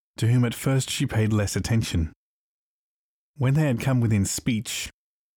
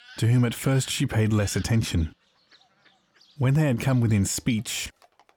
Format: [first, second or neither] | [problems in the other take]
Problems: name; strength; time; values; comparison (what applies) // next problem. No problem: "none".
first | animal sounds; faint; throughout; 25 dB below the speech